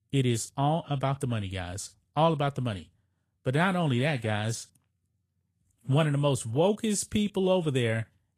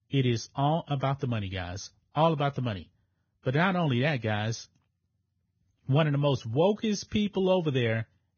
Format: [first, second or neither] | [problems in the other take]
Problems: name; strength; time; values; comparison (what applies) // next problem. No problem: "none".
first | garbled, watery; badly; nothing above 6.5 kHz; slightly in the first